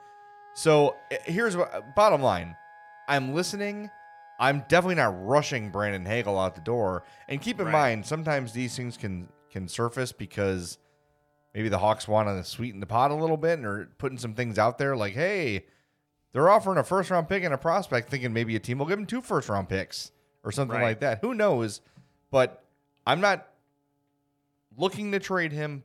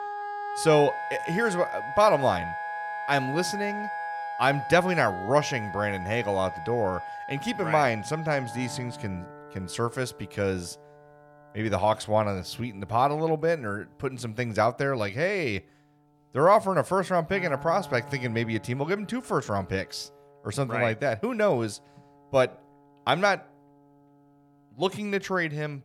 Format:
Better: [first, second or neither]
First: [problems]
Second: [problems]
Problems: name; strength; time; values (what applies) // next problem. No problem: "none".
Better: first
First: background music; faint; throughout; 25 dB below the speech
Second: background music; loud; throughout; 9 dB below the speech